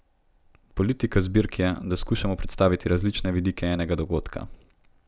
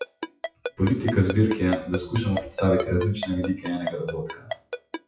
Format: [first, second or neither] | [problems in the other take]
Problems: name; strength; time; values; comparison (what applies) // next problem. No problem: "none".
first | noise reduction (classical method WPE with log-MMSE)